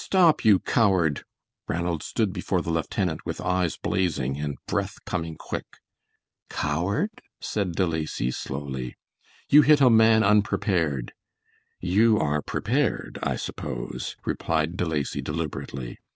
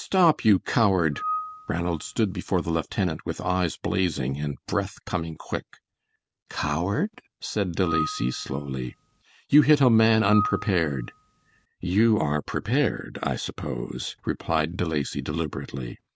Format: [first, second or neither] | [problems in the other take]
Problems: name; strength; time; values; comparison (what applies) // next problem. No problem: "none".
first | background sound (Screech / Glass); 9 dB below the speech